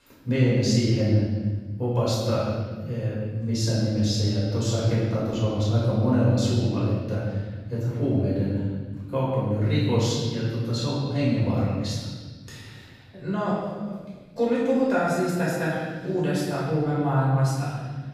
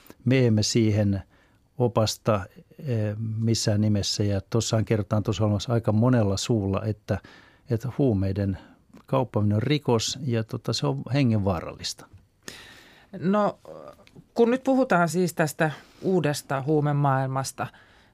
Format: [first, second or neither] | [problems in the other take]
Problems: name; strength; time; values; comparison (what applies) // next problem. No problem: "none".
second | room echo; strong; dies away in 1.6 s // off-mic speech; far